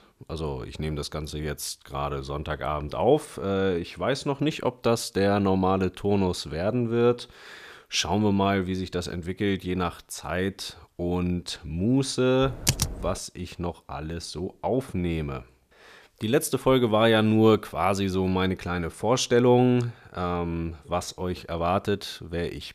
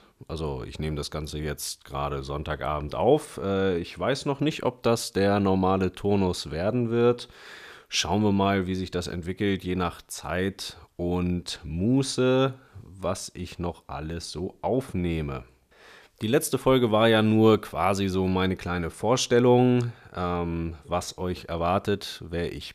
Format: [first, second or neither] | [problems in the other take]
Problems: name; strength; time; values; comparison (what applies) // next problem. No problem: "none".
second | keyboard typing; loud; at 12 s; peak 1 dB above the speech